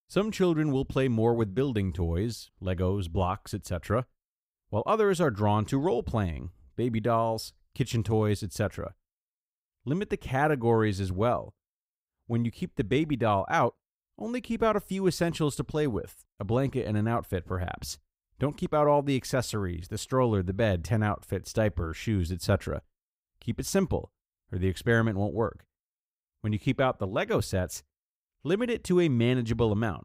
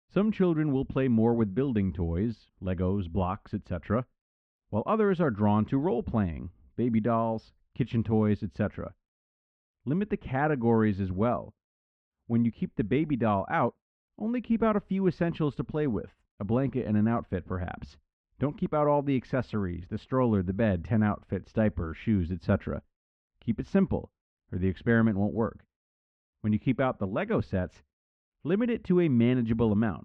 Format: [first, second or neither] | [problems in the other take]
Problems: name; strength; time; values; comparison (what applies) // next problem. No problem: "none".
first | muffled; very; fading above 2.5 kHz